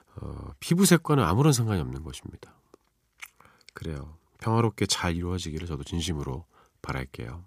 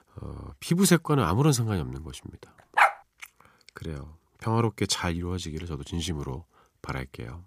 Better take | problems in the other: first | dog barking; loud; at 3 s; peak 5 dB above the speech

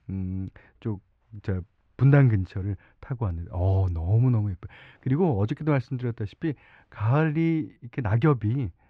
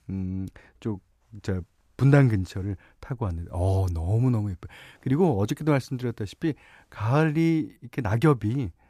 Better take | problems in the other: second | muffled; slightly; fading above 2.5 kHz

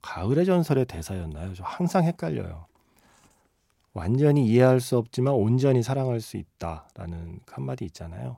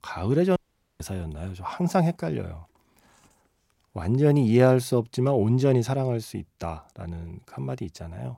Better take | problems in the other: first | audio cutting out; at 0.5 s

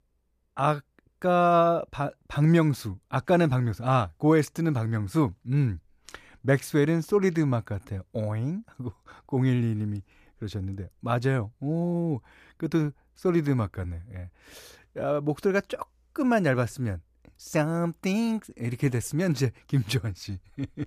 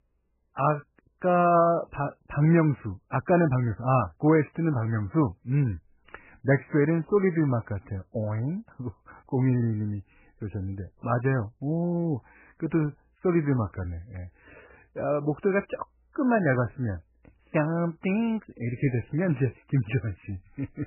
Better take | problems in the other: first | garbled, watery; badly; nothing above 2.5 kHz

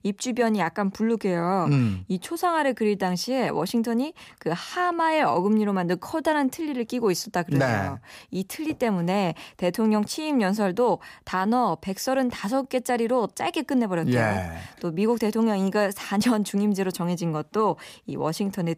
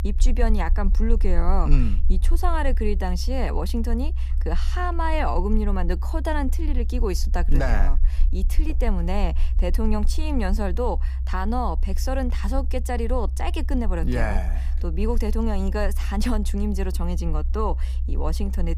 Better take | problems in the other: first | low rumble; noticeable; throughout; 20 dB below the speech

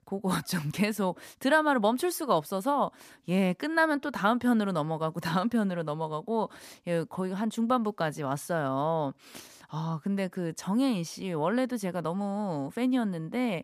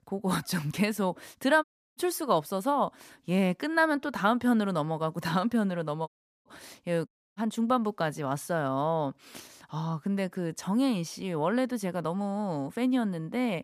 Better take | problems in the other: first | audio cutting out; at 1.5 s, at 6 s and at 7 s

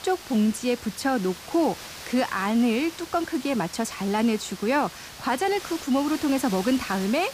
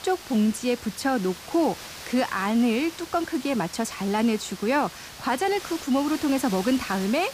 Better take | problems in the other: neither | hiss; noticeable; throughout; 15 dB below the speech; the same in both

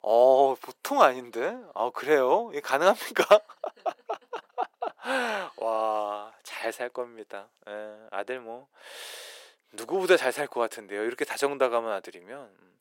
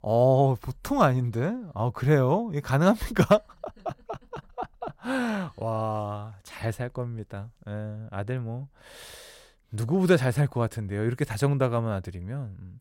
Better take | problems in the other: second | thin; very; fading below 350 Hz

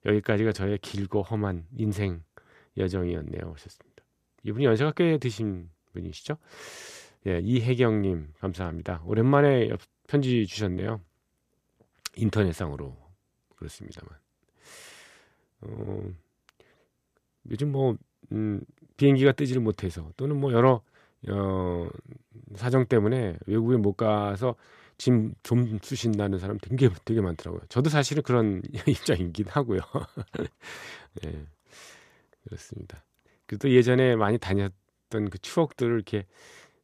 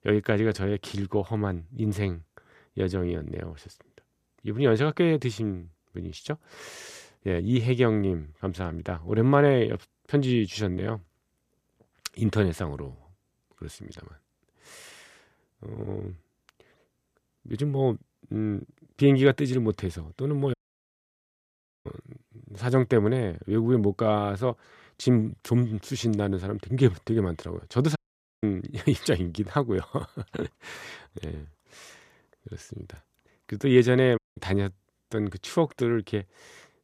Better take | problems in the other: first | audio cutting out; at 21 s for 1.5 s, at 28 s and at 34 s

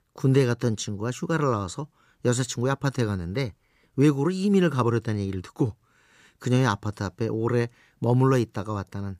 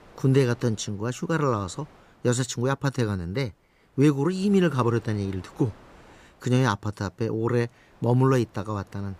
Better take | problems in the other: first | wind noise on the microphone; occasional gusts; 25 dB below the speech

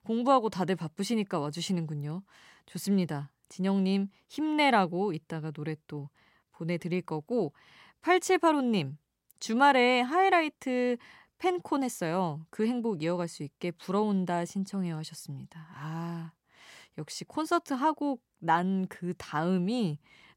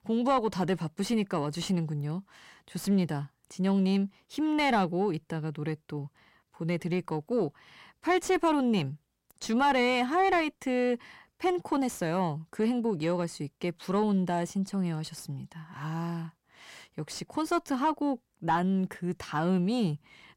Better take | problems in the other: first | distortion; slight; 10 dB below the speech

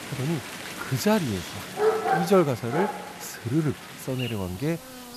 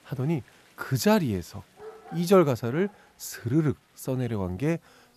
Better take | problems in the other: second | animal sounds; loud; throughout; 4 dB below the speech; faint in the second

